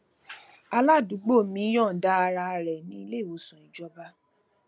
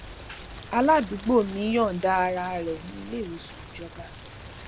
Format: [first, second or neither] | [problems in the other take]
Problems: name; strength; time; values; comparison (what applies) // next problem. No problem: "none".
first | background sound (Rain); 15 dB below the speech